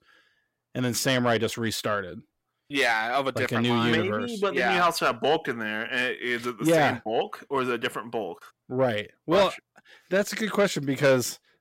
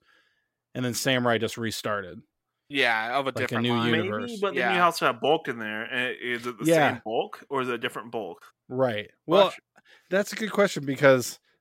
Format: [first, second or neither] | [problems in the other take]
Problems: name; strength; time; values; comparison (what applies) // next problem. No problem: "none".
second | distortion; slight; 10 dB below the speech